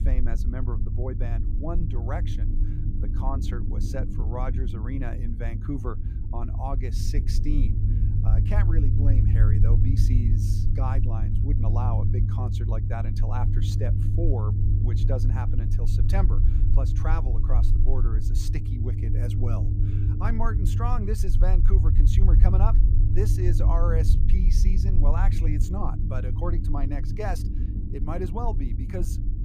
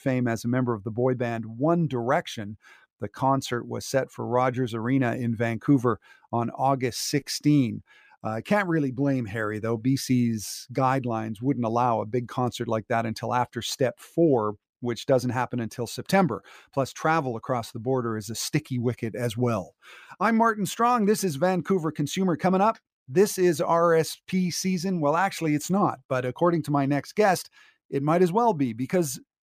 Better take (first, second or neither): second